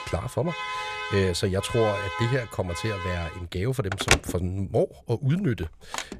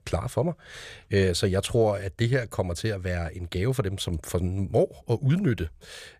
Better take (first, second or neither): second